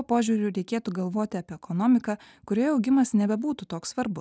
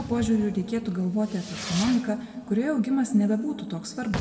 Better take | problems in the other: first | background sound (Fireworks); 12 dB below the speech // room echo; dies away in 1.6 s

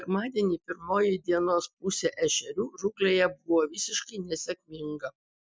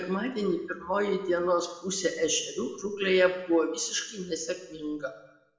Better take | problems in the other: first | room echo; dies away in 0.9 s

